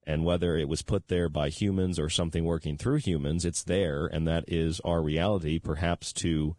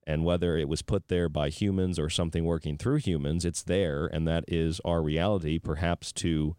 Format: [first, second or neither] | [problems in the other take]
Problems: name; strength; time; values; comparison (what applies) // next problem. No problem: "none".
second | garbled, watery; badly